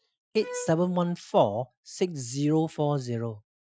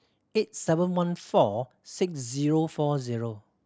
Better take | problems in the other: second | noise reduction (classical method Wiener filter)

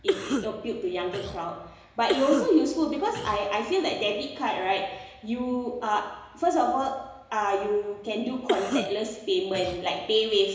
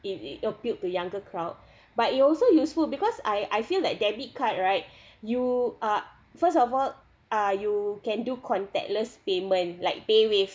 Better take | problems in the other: second | background sound (Cough); 6 dB below the speech // room echo; dies away in 1 s

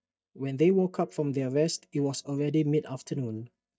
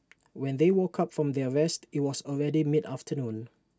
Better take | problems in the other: second | noise reduction (neural mask model DeepFilterNet 3)

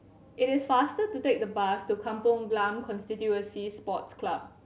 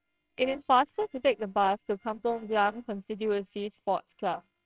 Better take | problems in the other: first | noise reduction (neural separator model SepFormer WHAMR!)

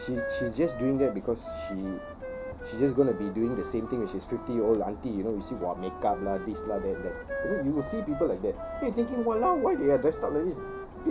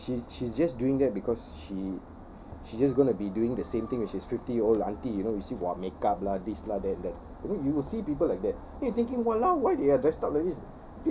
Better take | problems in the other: second | background sound (Wind instrument, woodwind instrument); 10 dB below the speech

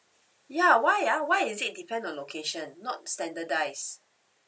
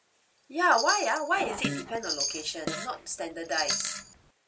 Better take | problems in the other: first | background sound (Chime + Fart); 4 dB below the speech

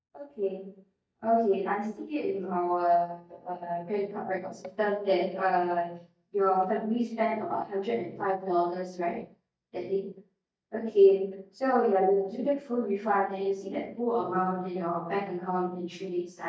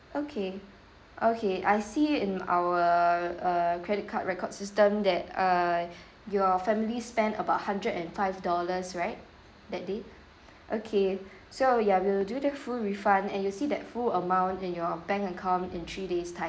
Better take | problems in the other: second | noise reduction (neural mask model DeepFilterNet 3)

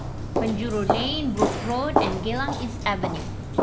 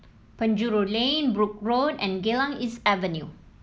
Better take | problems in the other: second | background sound (Walk, footsteps); 2 dB above the speech

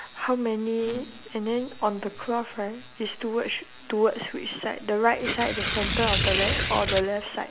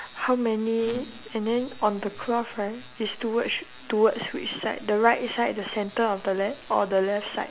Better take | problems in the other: second | background sound (Tearing); as loud as the speech

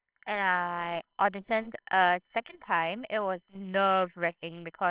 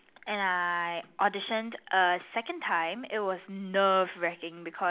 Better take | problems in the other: second | noise reduction (neural separator model SepFormer WHAMR!)

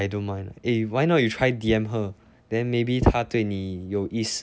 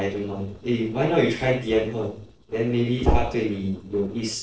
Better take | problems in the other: first | noise reduction (neural separator model SepFormer DNS4)

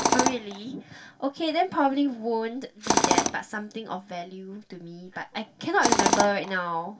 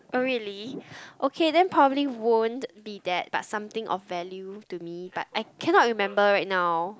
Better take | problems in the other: second | background sound (Tools); as loud as the speech // room echo; dies away in 0.2 s

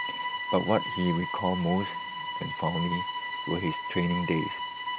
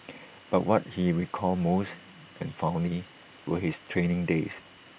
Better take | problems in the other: second | background sound (Bowed string instrument); 4 dB below the speech

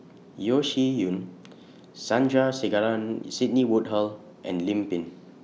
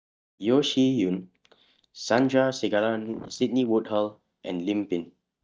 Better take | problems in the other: first | noise reduction (neural mask model DeepFilterNet 3)

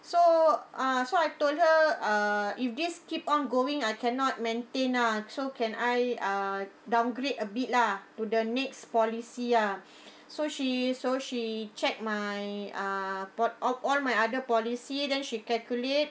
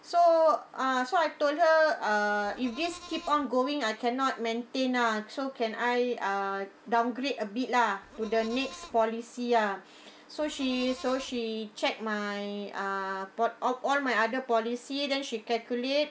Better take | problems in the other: first | background sound (Livestock, farm animals, working animals); 18 dB below the speech

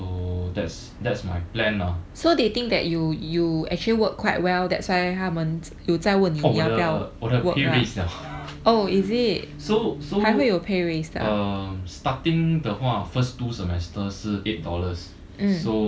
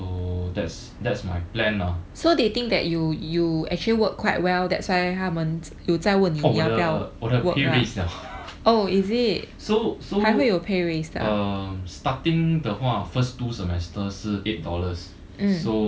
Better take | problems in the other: second | background sound (Organ); 15 dB below the speech

